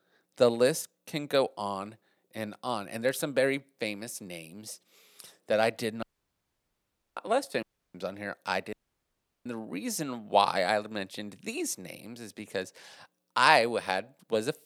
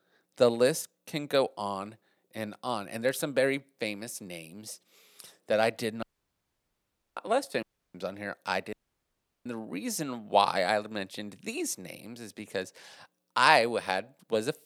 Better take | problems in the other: neither | audio cutting out; at 6 s for 1 s, at 7.5 s and at 8.5 s for 0.5 s; the same in both

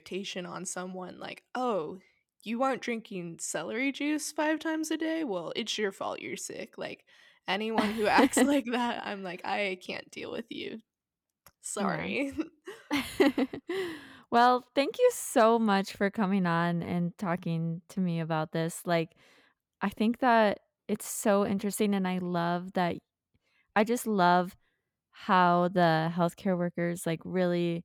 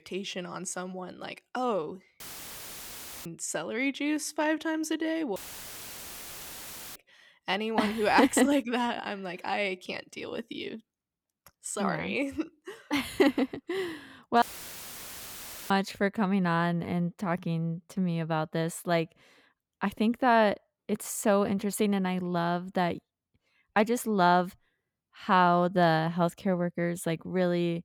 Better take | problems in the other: first | audio cutting out; filled with static; at 2 s for 1 s, at 5.5 s for 1.5 s and at 14 s for 1.5 s

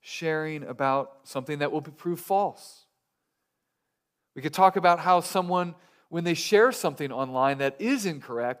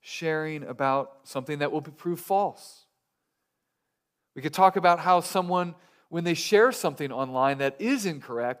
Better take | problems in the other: neither | none

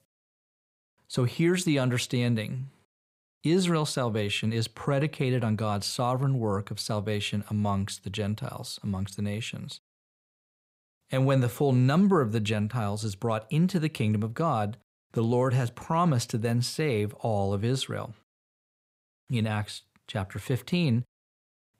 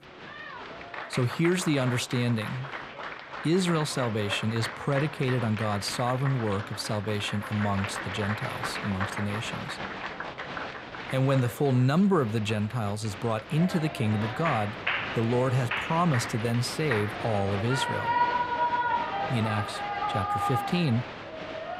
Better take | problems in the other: first | crowd noise; loud; throughout; 5 dB below the speech

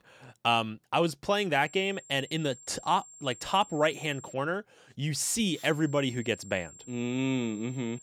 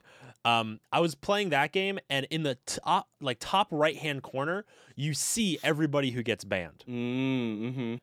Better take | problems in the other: second | high-pitched whine; noticeable; from 1.5 to 4.5 s and from 5.5 s on; 7.5 kHz, 20 dB below the speech

